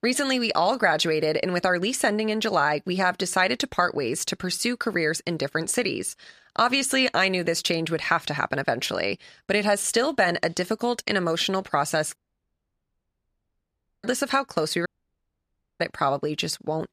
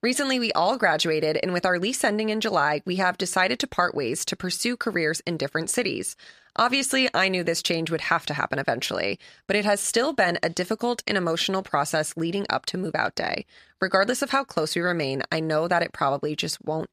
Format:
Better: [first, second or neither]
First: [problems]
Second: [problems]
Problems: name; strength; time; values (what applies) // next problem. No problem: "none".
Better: second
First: audio cutting out; at 12 s for 2 s and at 15 s for 1 s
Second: none